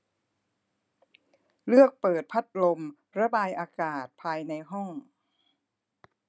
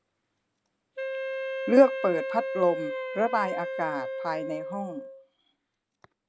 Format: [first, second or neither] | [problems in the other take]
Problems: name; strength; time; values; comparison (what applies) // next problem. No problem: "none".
first | background sound (Wind instrument, woodwind instrument); 6 dB below the speech